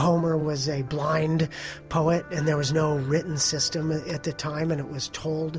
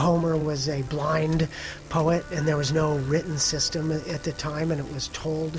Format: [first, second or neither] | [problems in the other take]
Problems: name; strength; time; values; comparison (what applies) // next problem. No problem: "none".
first | background sound (Bicycle); 18 dB below the speech